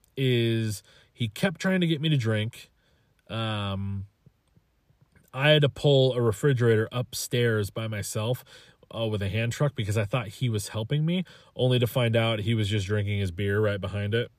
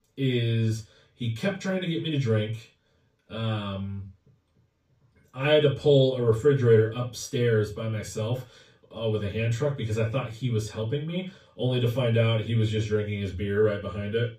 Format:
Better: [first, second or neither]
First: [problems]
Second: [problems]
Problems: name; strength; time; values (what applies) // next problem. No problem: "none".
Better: first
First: none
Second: room echo; slight; dies away in 0.2 s // off-mic speech; far